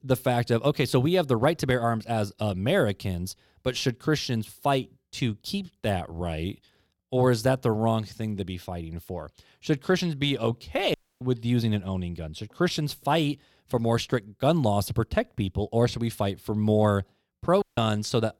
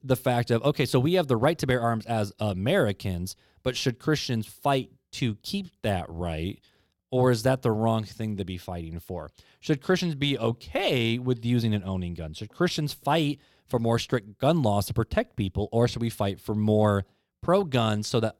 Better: second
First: audio cutting out; at 11 s and at 18 s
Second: none

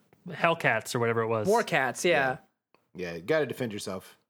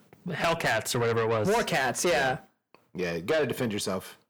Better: first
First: none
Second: distortion; heavy; 6 dB below the speech

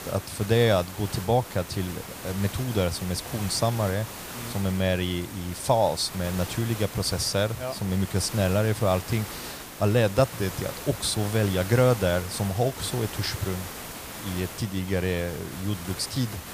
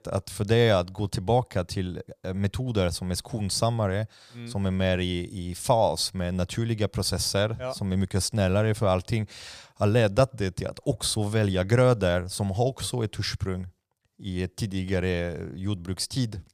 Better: second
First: hiss; noticeable; throughout; 10 dB below the speech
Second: none

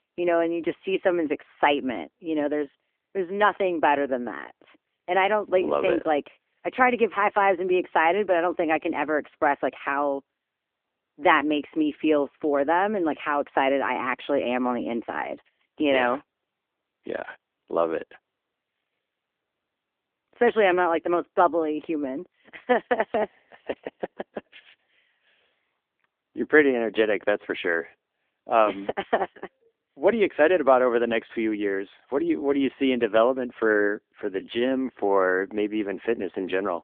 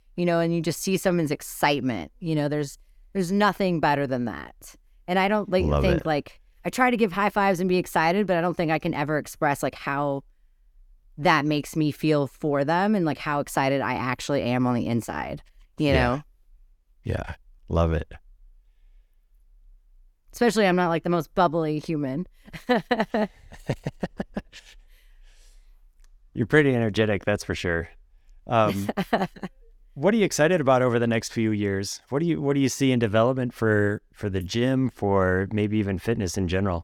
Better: second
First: phone-call audio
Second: none

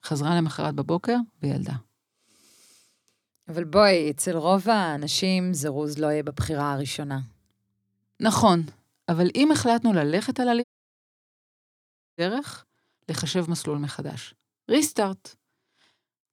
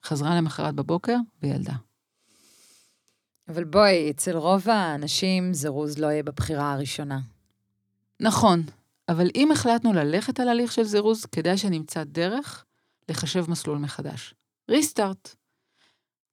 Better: second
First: audio cutting out; at 11 s for 1.5 s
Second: none

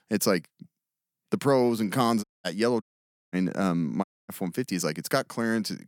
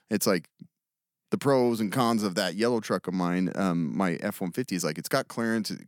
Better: second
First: audio cutting out; at 2 s, at 3 s for 0.5 s and at 4 s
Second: none

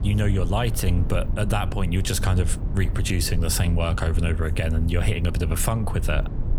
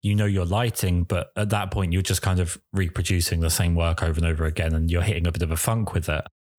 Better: second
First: low rumble; noticeable; throughout; 15 dB below the speech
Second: none

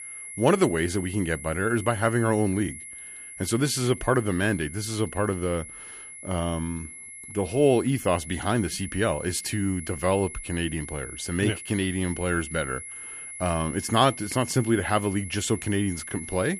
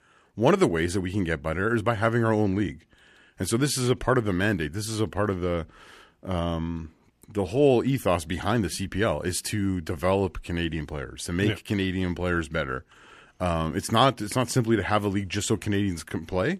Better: second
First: high-pitched whine; noticeable; throughout; 11 kHz, 10 dB below the speech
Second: none

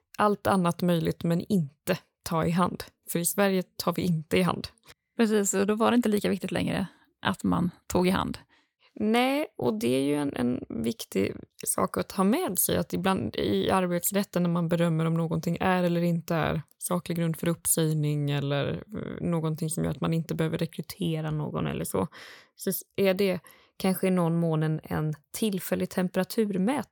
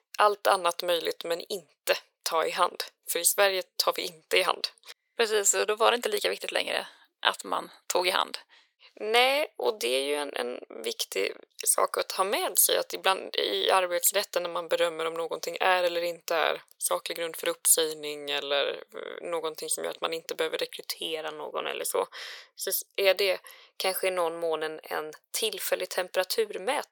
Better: first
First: none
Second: thin; very; fading below 450 Hz

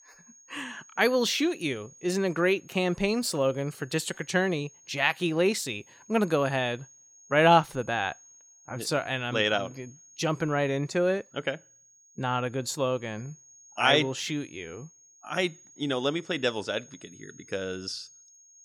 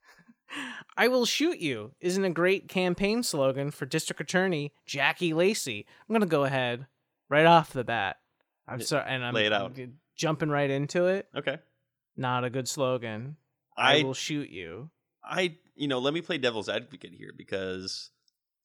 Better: second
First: high-pitched whine; faint; throughout; 6.5 kHz, 25 dB below the speech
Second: none

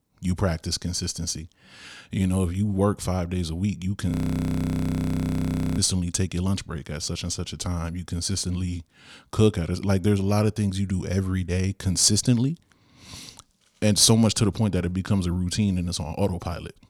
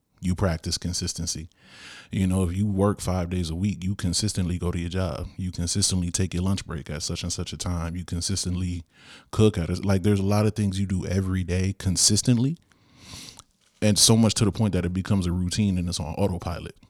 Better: second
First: audio freezing; at 4 s for 1.5 s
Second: none

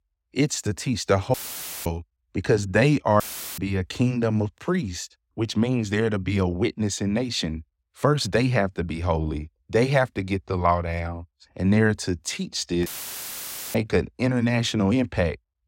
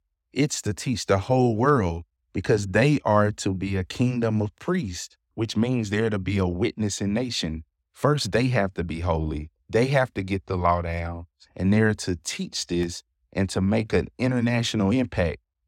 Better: second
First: audio cutting out; filled with static; at 1.5 s for 0.5 s, at 3 s and at 13 s for 1 s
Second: none

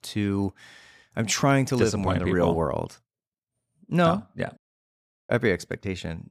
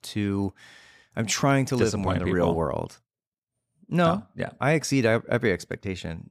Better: second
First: audio cutting out; at 4.5 s for 0.5 s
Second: none

